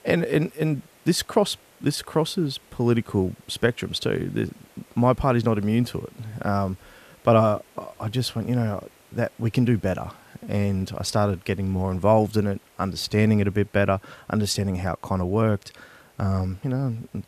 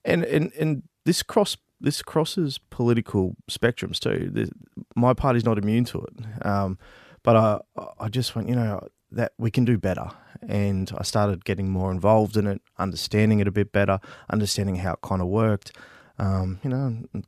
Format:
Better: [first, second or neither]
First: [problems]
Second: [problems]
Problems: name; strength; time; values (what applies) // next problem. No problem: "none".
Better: second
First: hiss; faint; throughout; 30 dB below the speech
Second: none